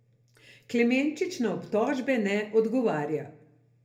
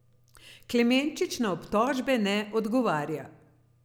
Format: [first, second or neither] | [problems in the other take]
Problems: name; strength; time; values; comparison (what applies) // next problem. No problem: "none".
second | room echo; dies away in 0.3 s